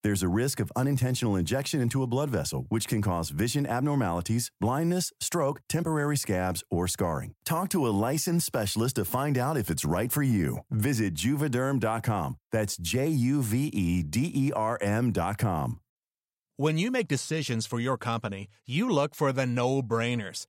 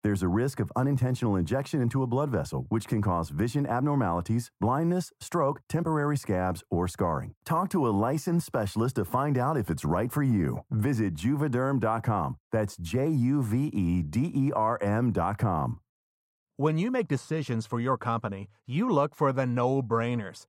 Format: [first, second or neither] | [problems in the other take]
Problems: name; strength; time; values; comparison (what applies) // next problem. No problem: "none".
first | muffled; slightly; fading above 2 kHz